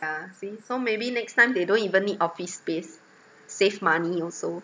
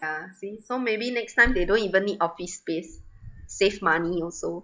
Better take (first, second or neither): first